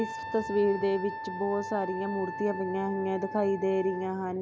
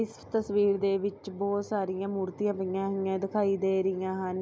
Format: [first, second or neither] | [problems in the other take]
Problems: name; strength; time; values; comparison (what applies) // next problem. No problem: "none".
second | background sound (Wind instrument, woodwind instrument); 9 dB below the speech